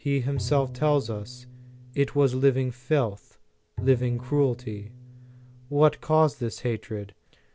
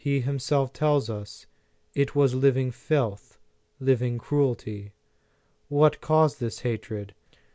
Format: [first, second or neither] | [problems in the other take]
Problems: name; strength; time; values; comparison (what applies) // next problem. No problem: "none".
second | background sound (Bowed string instrument); 13 dB below the speech